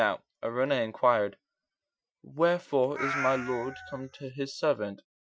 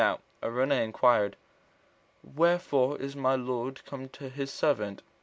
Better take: second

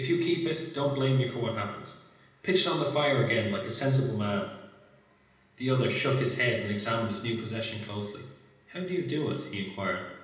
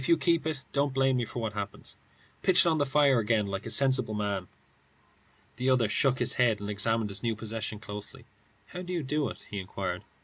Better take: second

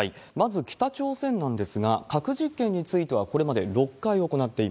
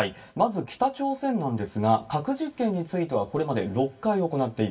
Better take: first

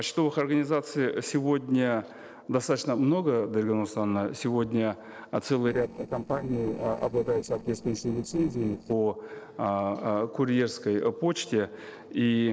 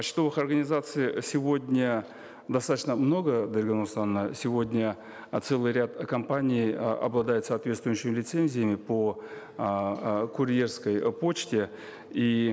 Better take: second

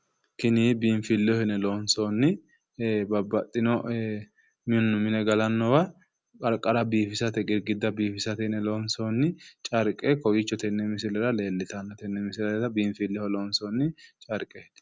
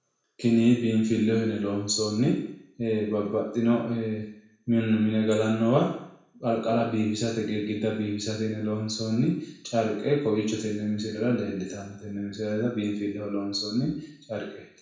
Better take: first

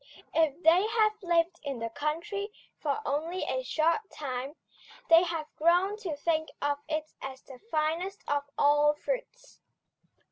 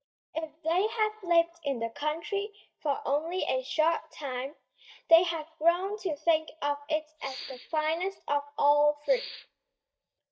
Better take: first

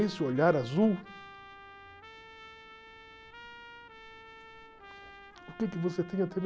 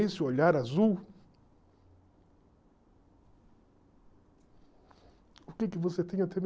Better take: second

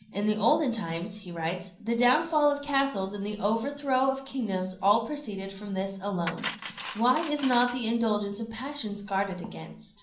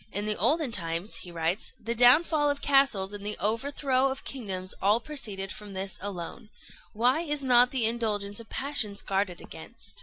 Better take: second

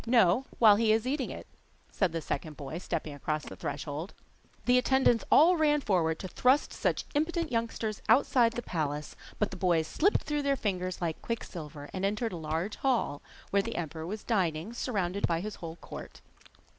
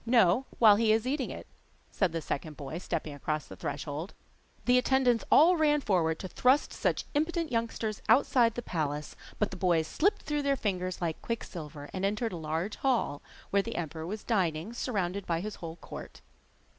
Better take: second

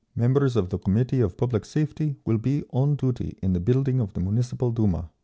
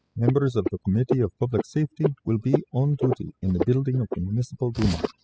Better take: first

